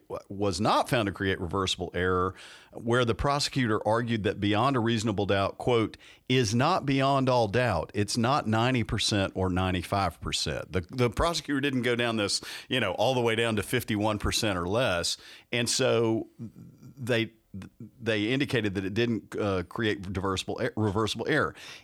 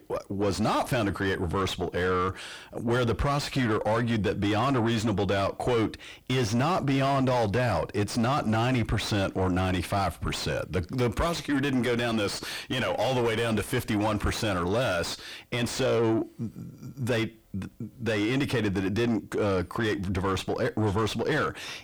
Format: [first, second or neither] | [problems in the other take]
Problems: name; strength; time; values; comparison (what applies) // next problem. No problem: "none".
first | distortion; heavy; 5 dB below the speech